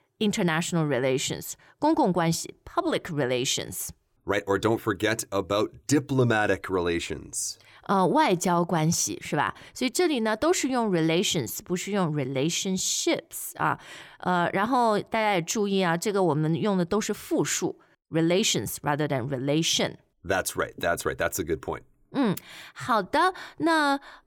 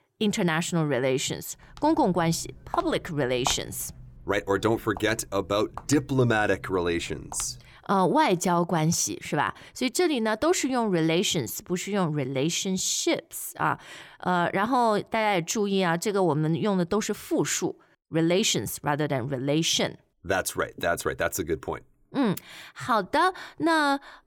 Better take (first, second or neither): first